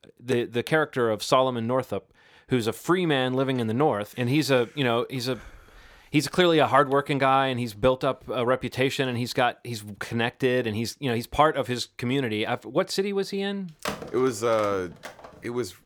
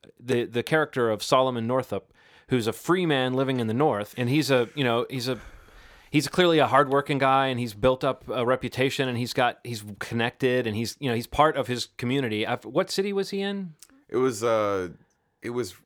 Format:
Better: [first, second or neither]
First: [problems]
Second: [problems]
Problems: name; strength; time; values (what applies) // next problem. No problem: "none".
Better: second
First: phone ringing; noticeable; from 14 to 15 s; peak 8 dB below the speech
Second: none